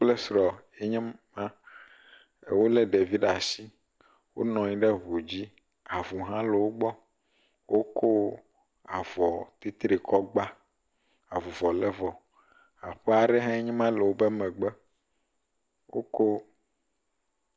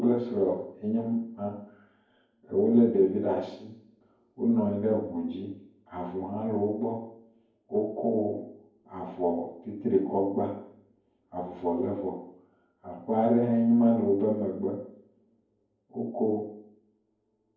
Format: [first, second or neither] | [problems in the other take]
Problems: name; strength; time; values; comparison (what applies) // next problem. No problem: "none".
first | room echo; dies away in 0.9 s